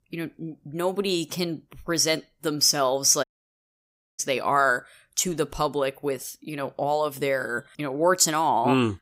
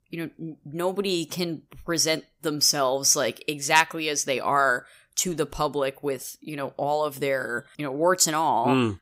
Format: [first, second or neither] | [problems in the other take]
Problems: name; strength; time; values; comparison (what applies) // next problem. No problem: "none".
second | audio cutting out; at 3 s for 1 s